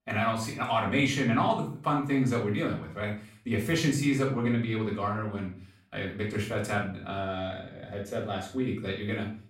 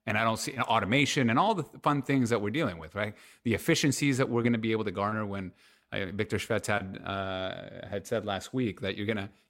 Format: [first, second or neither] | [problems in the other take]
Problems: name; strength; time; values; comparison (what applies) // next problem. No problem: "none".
second | off-mic speech; far // room echo; slight; dies away in 0.4 s